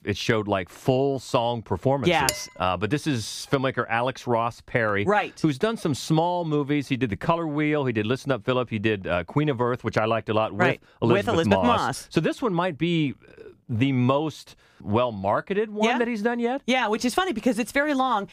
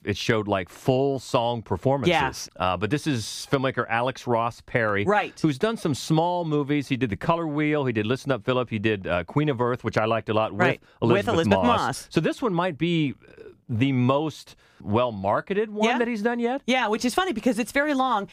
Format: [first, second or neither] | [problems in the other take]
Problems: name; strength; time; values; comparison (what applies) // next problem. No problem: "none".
second | clattering dishes; noticeable; at 2.5 s; peak 4 dB below the speech